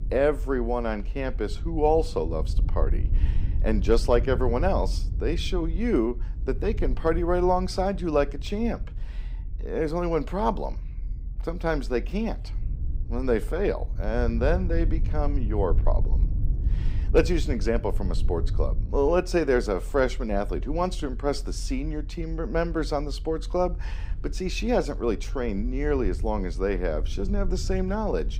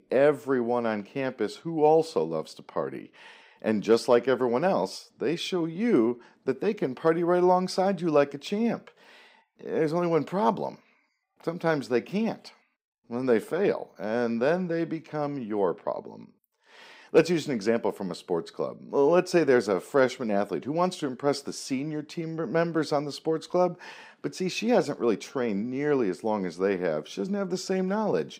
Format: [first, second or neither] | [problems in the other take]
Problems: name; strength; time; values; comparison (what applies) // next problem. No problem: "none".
second | low rumble; faint; throughout; 20 dB below the speech